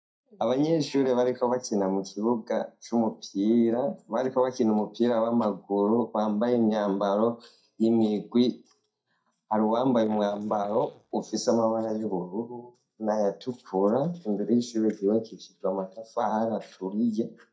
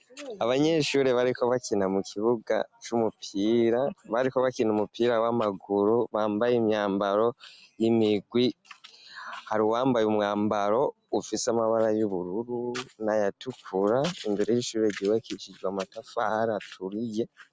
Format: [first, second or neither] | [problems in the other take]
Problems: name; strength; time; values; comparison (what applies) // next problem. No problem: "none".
second | noise reduction (neural mask model DeepFilterNet 3)